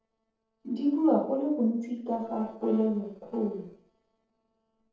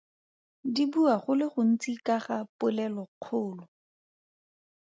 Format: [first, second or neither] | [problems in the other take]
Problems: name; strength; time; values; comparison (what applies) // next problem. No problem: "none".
second | noise reduction (neural separator model SepFormer DNS4)